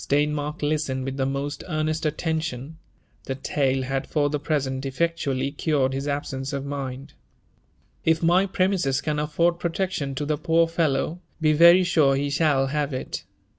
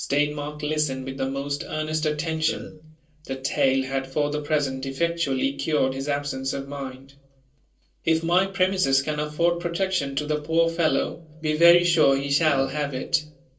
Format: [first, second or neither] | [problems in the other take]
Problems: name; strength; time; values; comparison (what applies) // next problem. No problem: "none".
first | noise reduction (neural separator model SepFormer DNS4)